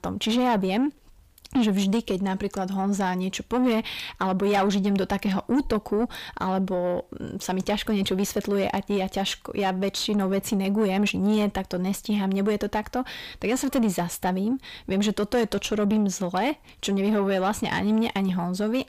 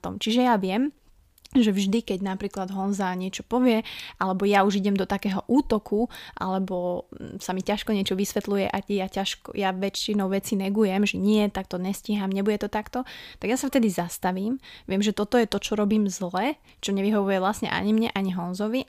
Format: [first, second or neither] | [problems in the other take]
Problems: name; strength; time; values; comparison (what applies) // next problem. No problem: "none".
second | distortion; slight; 10 dB below the speech